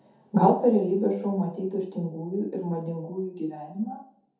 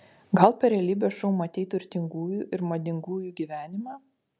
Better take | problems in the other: second | room echo; dies away in 0.5 s

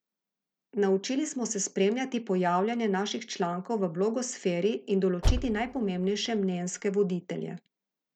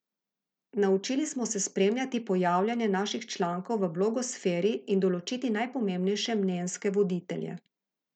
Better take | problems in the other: second | background sound (Car); 3 dB below the speech

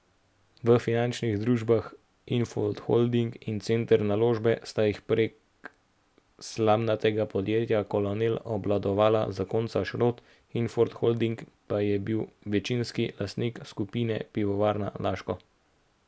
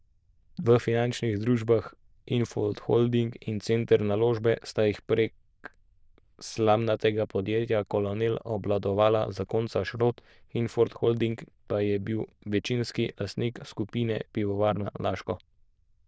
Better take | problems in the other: first | noise reduction (neural diffusion model UNIVERSE++)

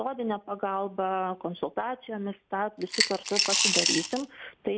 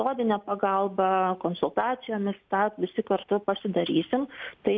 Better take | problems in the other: second | background sound (Coin (dropping) / Glass); 4 dB above the speech

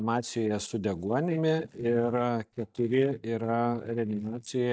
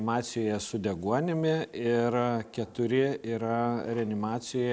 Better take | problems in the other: second | noise reduction (neural mask model DeepFilterNet 3)

